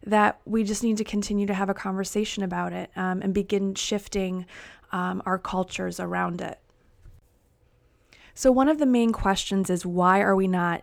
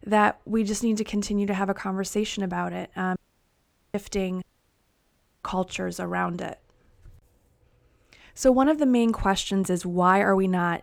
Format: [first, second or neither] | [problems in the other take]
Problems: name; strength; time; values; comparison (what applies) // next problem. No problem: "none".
first | audio cutting out; at 3 s for 1 s and at 4.5 s for 1 s